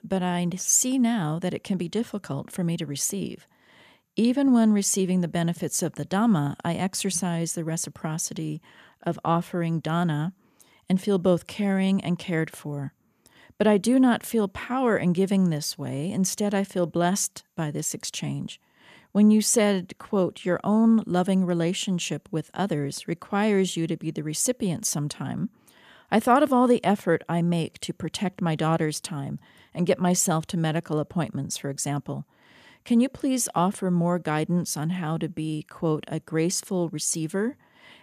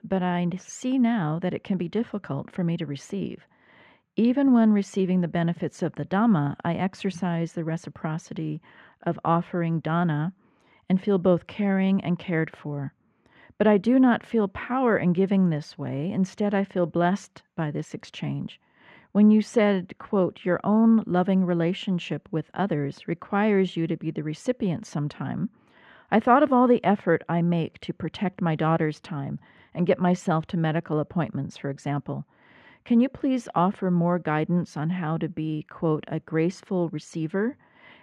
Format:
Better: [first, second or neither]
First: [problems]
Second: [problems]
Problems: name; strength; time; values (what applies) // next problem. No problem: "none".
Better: first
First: none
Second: muffled; very; fading above 2 kHz